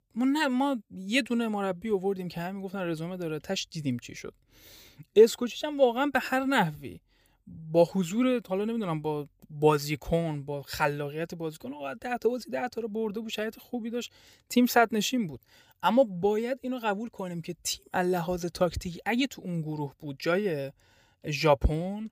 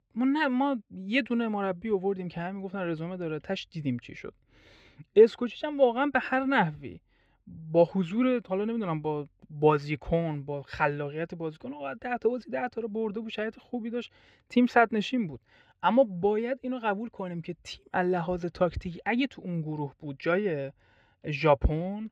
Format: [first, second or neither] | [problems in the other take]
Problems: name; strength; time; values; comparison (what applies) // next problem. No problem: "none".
first | muffled; slightly; fading above 2.5 kHz